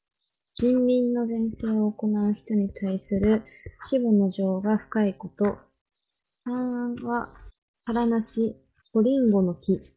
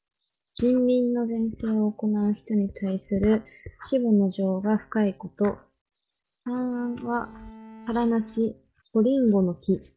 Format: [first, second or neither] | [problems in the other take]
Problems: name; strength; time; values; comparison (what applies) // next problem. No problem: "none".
first | background sound (Bowed string instrument); 20 dB below the speech